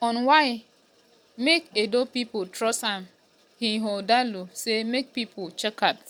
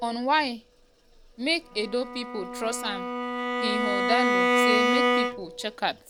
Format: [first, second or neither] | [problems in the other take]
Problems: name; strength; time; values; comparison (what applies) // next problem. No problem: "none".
first | background sound (Bowed string instrument); 3 dB above the speech